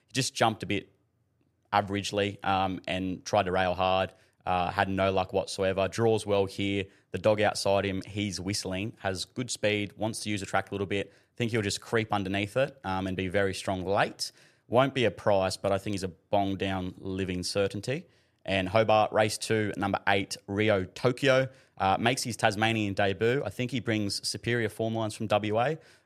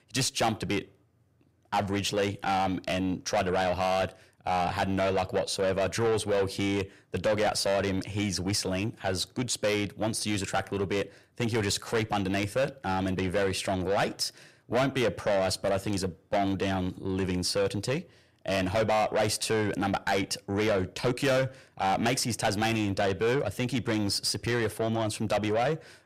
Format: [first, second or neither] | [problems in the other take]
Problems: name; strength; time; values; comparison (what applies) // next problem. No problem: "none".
first | distortion; heavy; 7 dB below the speech